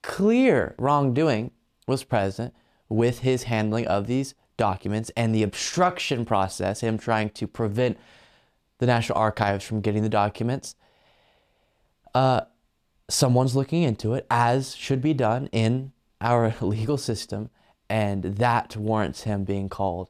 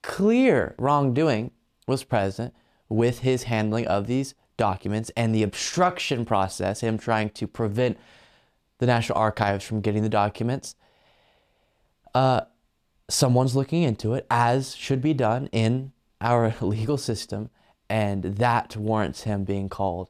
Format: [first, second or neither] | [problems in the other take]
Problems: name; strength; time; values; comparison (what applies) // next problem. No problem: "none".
neither | none